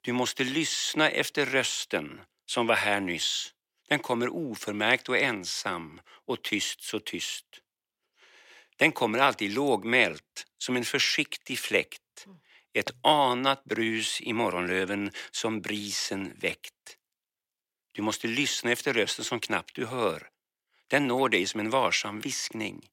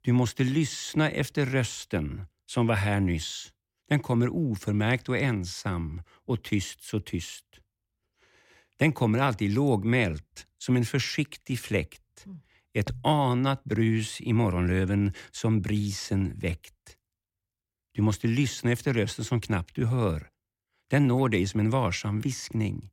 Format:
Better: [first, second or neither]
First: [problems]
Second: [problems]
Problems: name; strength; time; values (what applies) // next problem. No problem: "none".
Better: second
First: thin; somewhat; fading below 400 Hz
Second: none